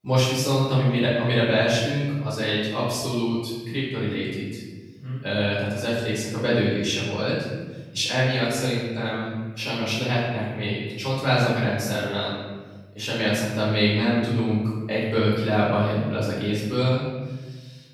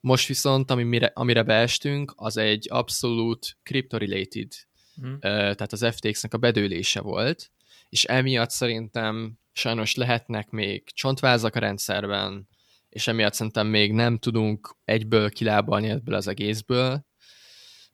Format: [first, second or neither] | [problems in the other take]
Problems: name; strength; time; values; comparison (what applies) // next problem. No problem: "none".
second | off-mic speech; far // room echo; noticeable; dies away in 1.3 s